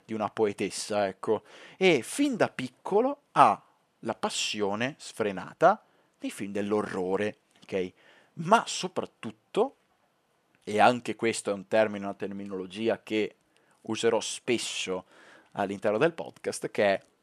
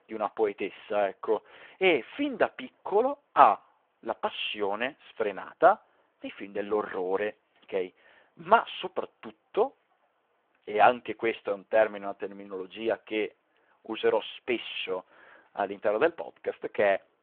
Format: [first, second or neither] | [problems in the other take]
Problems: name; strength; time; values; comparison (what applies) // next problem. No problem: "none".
first | phone-call audio